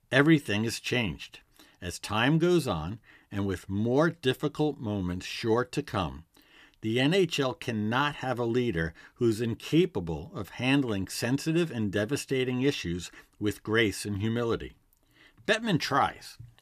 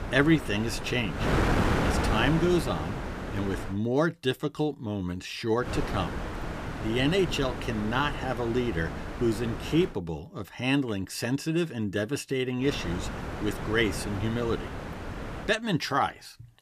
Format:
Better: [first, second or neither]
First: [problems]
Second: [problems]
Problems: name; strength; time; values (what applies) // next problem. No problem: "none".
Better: first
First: none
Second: wind noise on the microphone; heavy; until 3.5 s, from 5.5 to 10 s and from 13 to 15 s; 5 dB below the speech